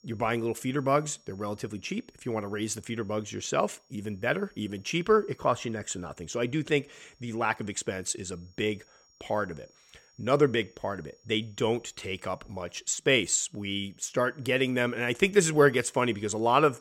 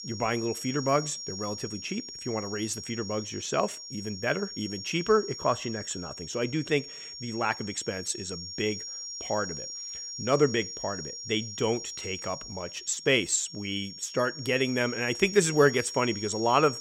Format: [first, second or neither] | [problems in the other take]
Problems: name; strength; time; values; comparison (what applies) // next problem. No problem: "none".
first | high-pitched whine; loud; throughout; 5.5 kHz, 8 dB below the speech; faint in the first